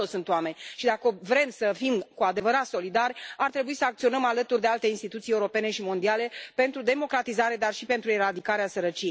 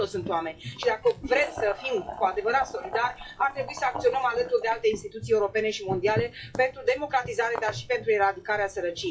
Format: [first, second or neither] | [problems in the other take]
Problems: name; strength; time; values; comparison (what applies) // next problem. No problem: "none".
first | noise reduction (classical method WPE with log-MMSE)